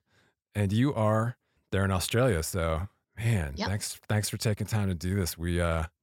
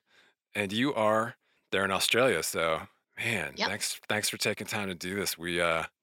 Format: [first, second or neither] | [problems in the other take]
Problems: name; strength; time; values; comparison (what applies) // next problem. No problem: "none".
first | thin; somewhat; fading below 300 Hz